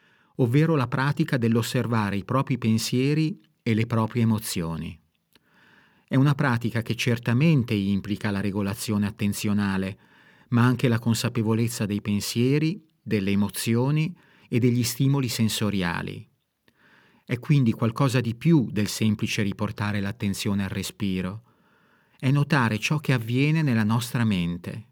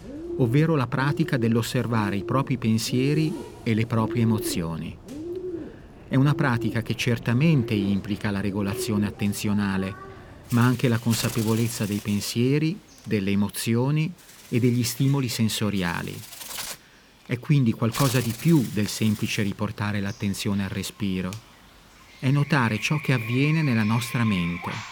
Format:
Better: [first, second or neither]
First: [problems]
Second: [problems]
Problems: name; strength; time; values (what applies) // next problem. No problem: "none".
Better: first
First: none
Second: animal sounds; noticeable; throughout; 10 dB below the speech